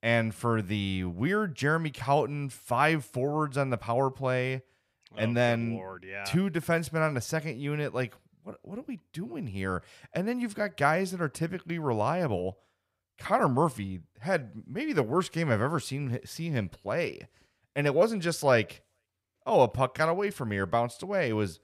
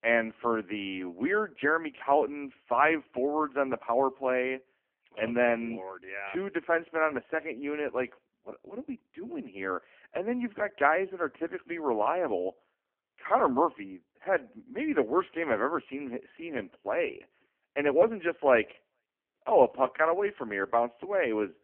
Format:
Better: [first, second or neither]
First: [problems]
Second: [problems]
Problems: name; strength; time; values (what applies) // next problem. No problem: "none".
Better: first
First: none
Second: phone-call audio; poor line